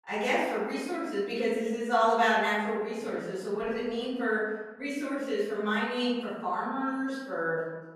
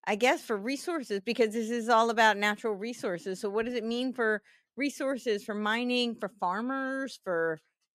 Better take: second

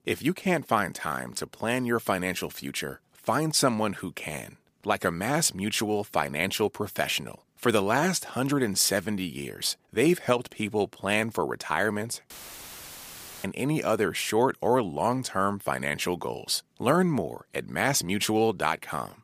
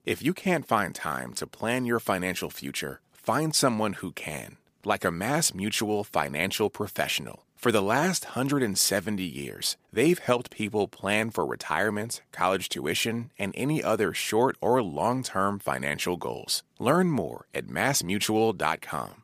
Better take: second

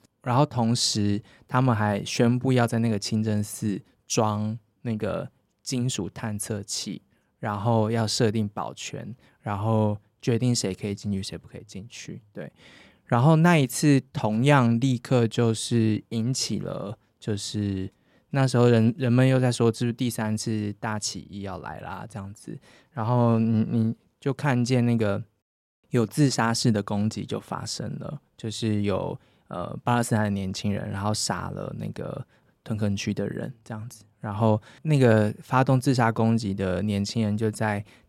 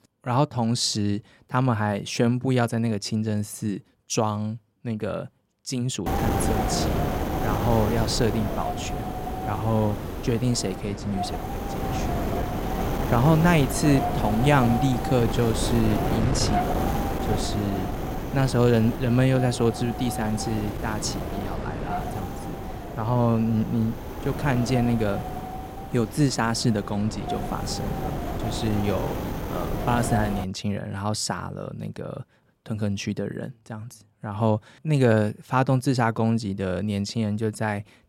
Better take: first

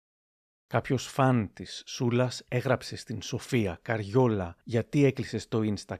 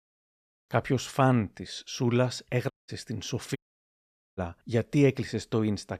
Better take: first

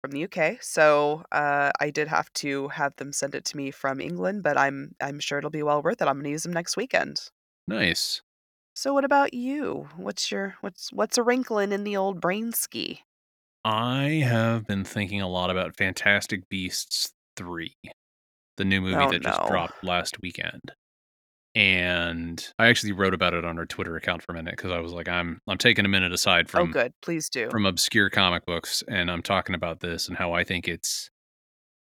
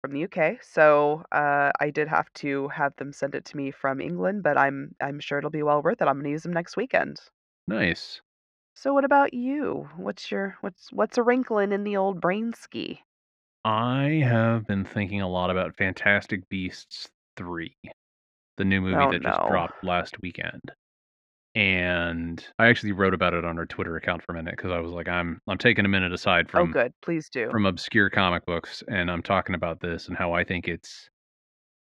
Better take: first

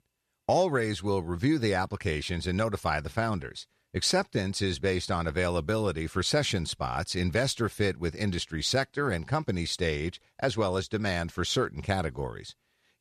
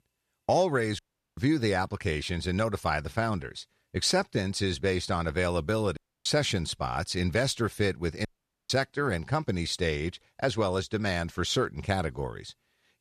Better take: first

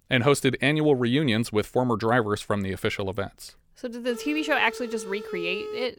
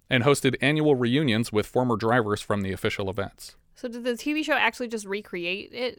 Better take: second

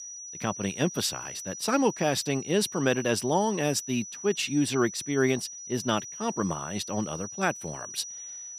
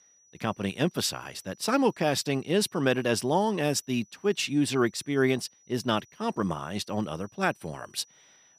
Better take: second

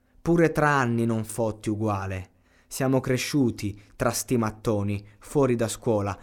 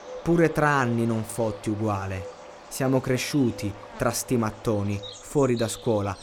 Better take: first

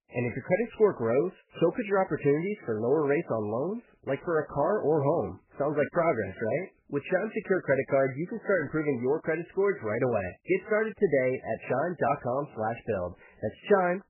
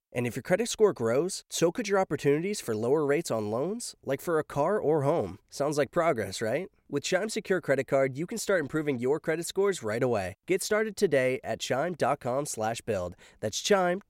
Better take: second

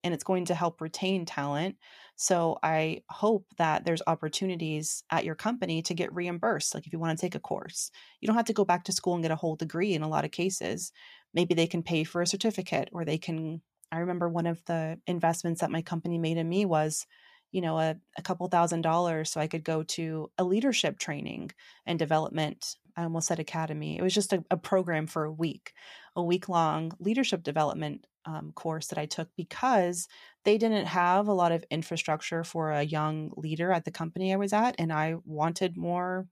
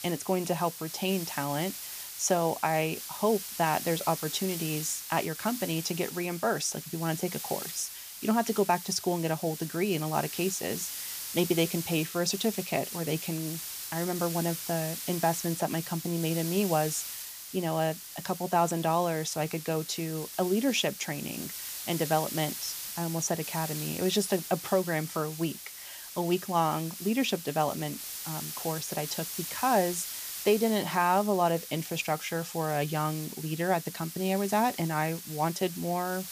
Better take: first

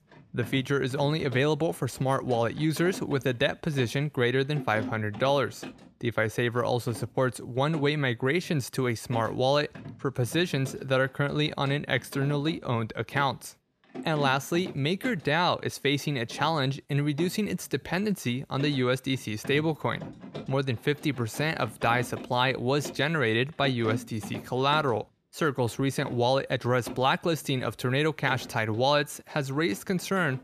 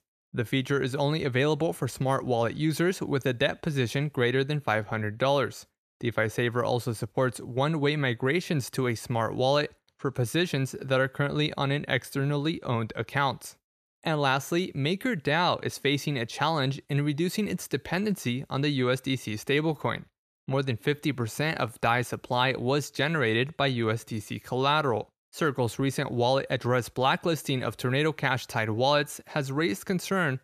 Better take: second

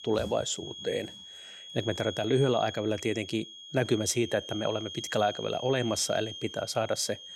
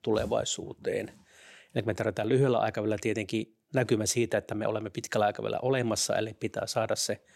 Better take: second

